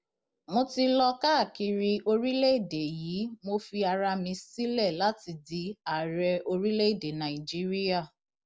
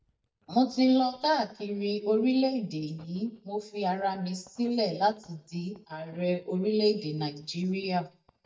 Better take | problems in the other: first | noise reduction (neural mask model DeepFilterNet 3)

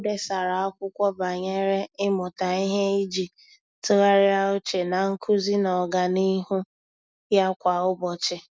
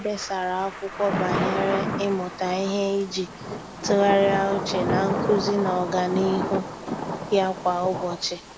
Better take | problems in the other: first | background sound (Thunder / Rain); 4 dB below the speech

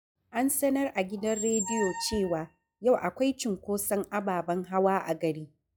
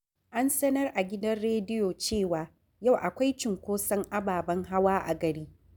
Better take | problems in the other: second | noise reduction (classical method log-MMSE)

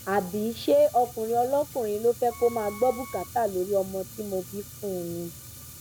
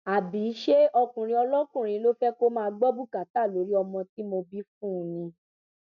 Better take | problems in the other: second | background sound (Wind instrument, woodwind instrument + Fire); 16 dB below the speech

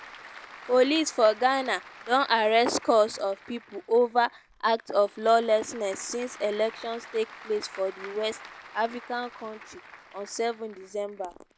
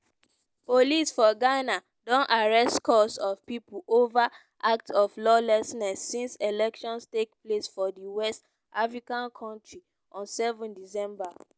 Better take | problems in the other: second | background sound (Applause / Crowd); 20 dB below the speech

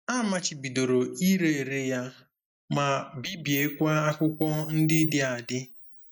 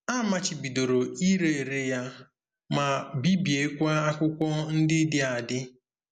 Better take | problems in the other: second | noise reduction (neural mask model DeepFilterNet 3)

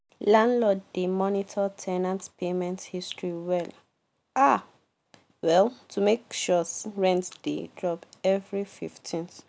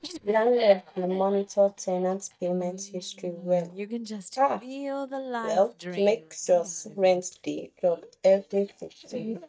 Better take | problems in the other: first | noise reduction (neural mask model DeepFilterNet 3)

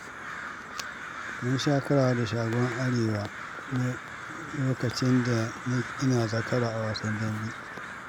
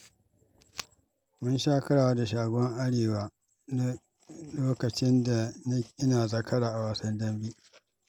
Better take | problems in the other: second | background sound (Crow); 9 dB below the speech

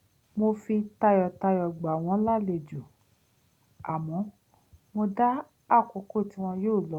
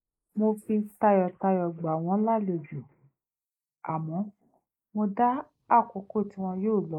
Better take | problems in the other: first | noise reduction (neural mask model Resemble Enhance denoiser)

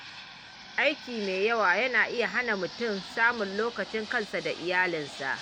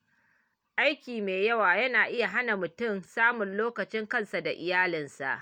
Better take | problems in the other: second | background sound (Fixed-wing aircraft, airplane); 14 dB below the speech

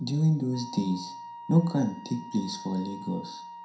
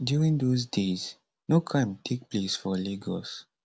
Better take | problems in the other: second | background sound (Wind instrument, woodwind instrument); 15 dB below the speech // room echo; dies away in 0.4 s

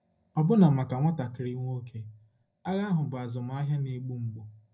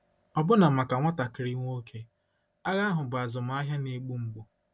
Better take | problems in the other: second | room echo; dies away in 0.4 s

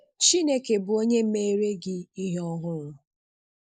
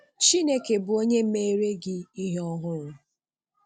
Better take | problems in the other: second | noise reduction (neural mask model Resemble Enhance denoiser)

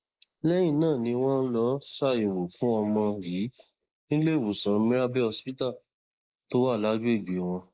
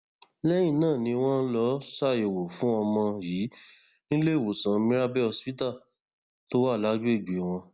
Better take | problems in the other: second | noise reduction (neural mask model Resemble Enhance denoiser)

